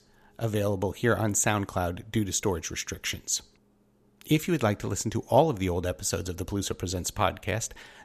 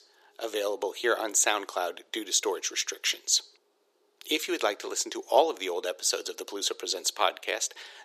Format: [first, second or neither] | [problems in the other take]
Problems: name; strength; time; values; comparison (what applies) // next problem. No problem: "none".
first | thin; very; fading below 350 Hz